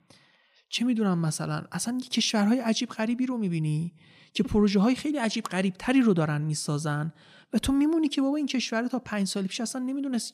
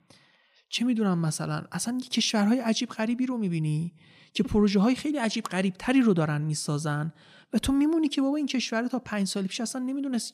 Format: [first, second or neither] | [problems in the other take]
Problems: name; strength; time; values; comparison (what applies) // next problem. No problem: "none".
neither | none